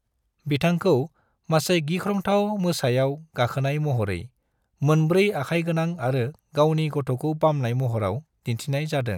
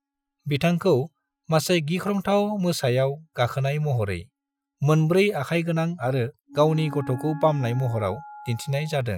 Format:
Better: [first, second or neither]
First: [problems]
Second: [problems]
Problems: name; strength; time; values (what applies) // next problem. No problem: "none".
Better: first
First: none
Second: noise reduction (classical method Wiener filter)